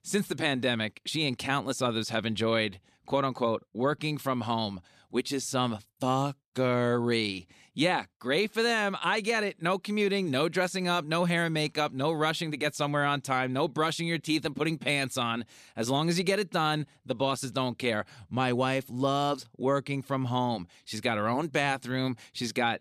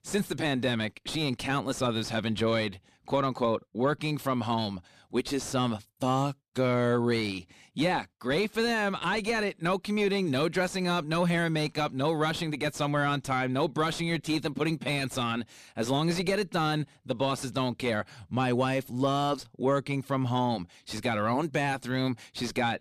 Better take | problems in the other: first | distortion; slight; 10 dB below the speech

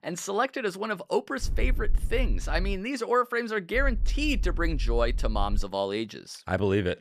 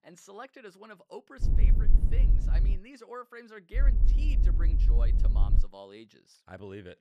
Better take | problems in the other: first | low rumble; loud; from 1.5 to 3 s and from 4 to 5.5 s; 3 dB below the speech; faint in the first

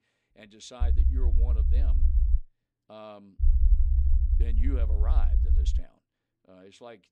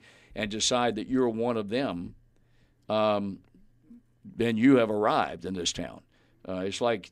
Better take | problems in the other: second | low rumble; loud; from 1 to 2.5 s and from 3.5 to 6 s; 2 dB below the speech

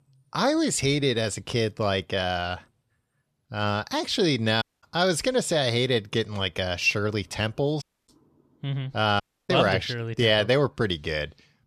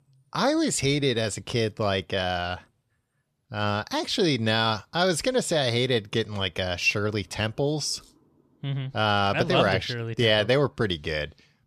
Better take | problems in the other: second | audio cutting out; at 4.5 s, at 8 s and at 9 s

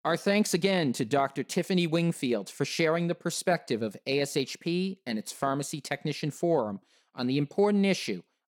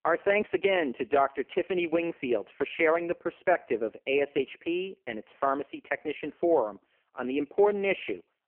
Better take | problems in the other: first | phone-call audio; poor line; nothing above 3 kHz

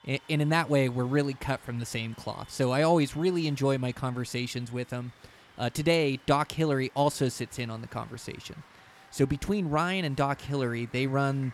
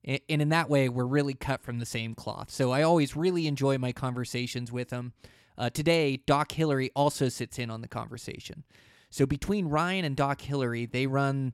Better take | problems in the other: second | crowd noise; faint; throughout; 25 dB below the speech

